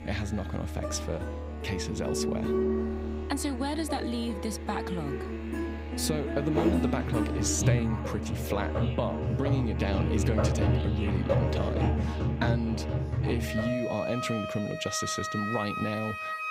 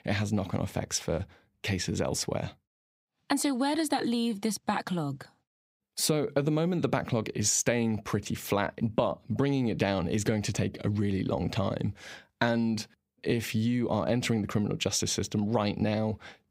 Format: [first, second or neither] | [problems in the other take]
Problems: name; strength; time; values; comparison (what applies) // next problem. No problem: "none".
second | background music; very loud; throughout; 2 dB above the speech